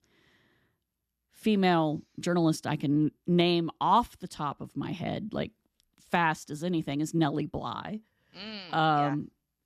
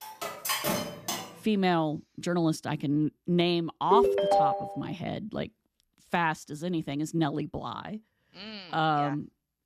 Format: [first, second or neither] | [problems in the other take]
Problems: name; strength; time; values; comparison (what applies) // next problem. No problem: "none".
first | clattering dishes; loud; until 1.5 s; peak 2 dB above the speech // phone ringing; loud; at 4 s; peak 6 dB above the speech